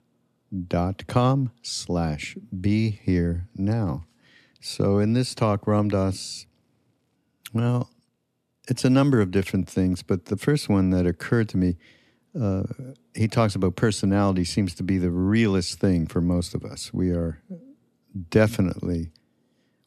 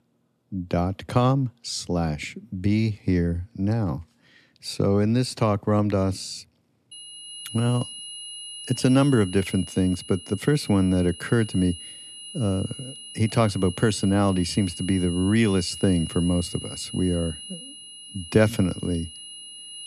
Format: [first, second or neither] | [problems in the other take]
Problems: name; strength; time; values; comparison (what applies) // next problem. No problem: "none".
first | high-pitched whine; noticeable; from 7 s on; 3 kHz, 15 dB below the speech